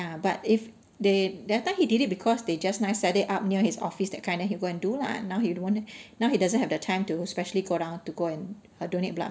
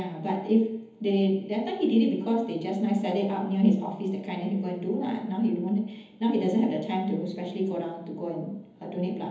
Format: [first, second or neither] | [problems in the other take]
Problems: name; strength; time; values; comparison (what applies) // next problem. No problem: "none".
first | room echo; dies away in 1.3 s